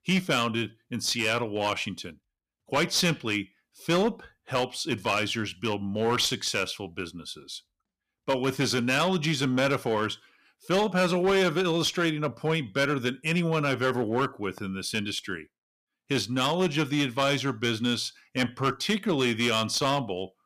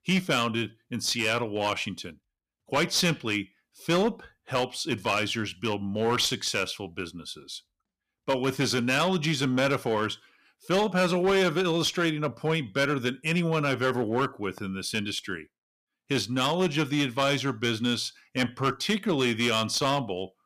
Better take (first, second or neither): neither